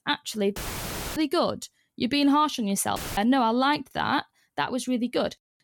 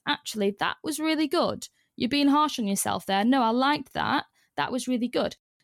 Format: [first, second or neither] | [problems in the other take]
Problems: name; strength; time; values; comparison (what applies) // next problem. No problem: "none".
second | audio cutting out; filled with static; at 0.5 s for 0.5 s and at 3 s